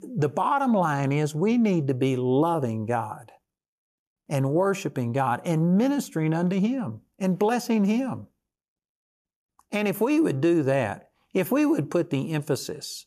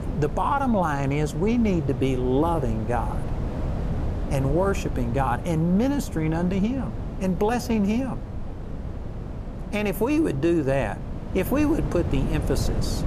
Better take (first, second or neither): first